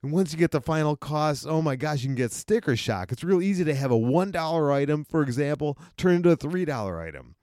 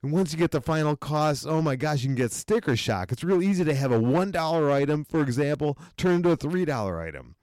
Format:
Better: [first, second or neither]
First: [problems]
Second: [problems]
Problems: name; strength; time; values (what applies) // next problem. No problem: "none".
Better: first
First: none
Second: distortion; slight; 7% of the sound clipped